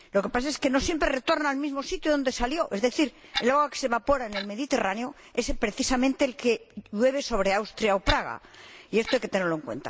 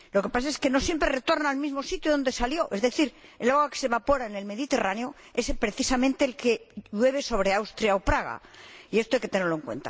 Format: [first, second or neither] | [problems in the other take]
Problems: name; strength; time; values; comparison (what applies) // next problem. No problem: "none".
second | background sound (Clock); 11 dB below the speech